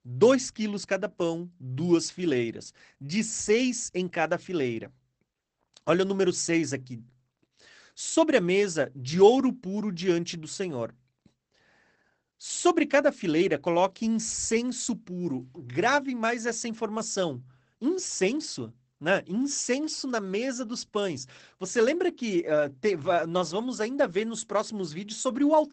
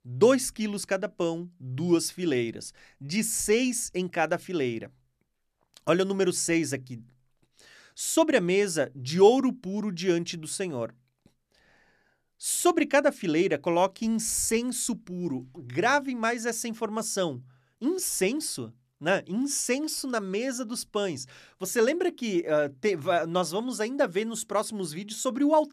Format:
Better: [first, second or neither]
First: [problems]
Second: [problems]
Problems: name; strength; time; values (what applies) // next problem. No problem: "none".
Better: second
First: garbled, watery; badly; nothing above 8 kHz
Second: none